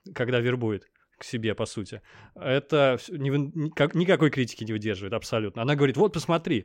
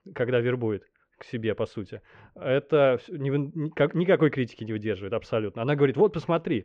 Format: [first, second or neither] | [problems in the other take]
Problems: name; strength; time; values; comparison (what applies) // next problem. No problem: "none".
first | muffled; slightly; fading above 2.5 kHz